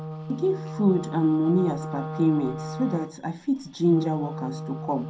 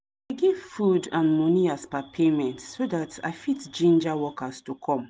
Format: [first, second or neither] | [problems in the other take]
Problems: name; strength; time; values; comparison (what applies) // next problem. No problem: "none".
second | background sound (Wind instrument, woodwind instrument); 9 dB below the speech // room echo; dies away in 0.2 s